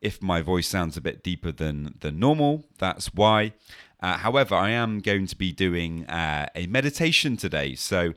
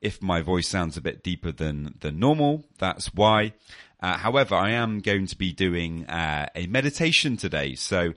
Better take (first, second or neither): first